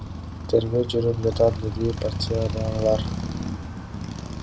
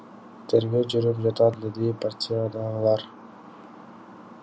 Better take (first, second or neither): second